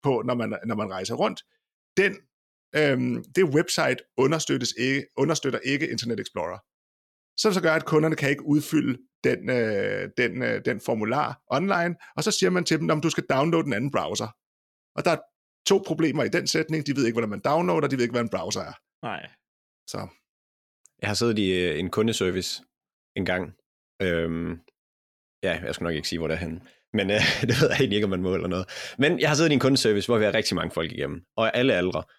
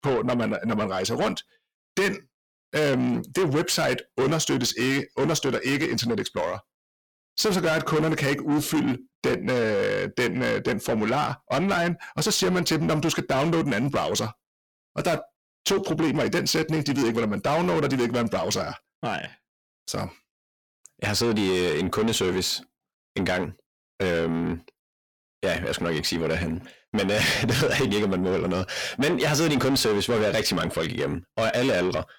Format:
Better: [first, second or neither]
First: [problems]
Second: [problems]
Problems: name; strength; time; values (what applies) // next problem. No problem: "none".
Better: first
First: none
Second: distortion; heavy; 7 dB below the speech